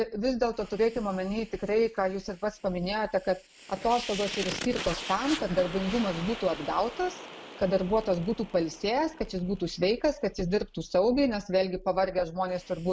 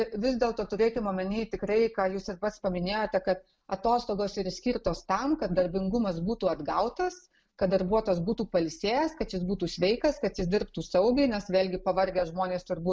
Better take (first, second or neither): second